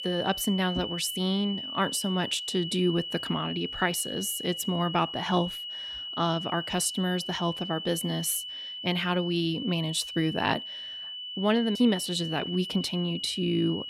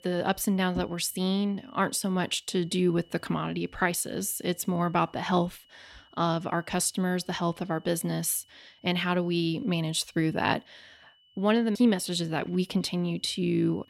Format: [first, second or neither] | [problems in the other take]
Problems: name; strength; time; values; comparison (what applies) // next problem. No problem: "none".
second | high-pitched whine; loud; throughout; 3 kHz, 6 dB below the speech; faint in the second